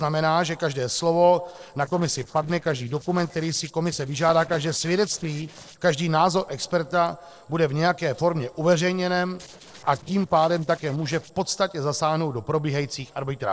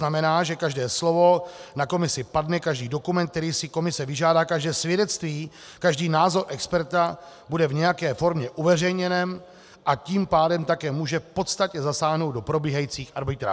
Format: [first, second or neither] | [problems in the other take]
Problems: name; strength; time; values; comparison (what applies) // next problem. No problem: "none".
second | noise reduction (neural separator model SepFormer DNS4)